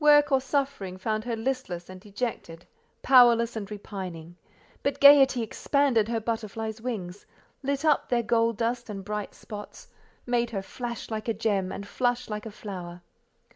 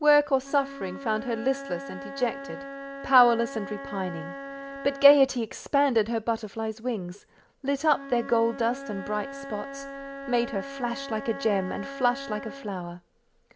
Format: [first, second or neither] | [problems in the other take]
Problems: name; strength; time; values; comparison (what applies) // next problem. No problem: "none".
first | background sound (Wind instrument, woodwind instrument); 12 dB below the speech